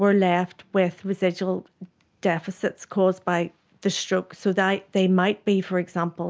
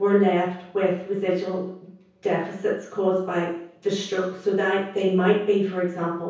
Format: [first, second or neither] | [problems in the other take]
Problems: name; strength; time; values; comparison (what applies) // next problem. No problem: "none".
first | room echo; dies away in 0.6 s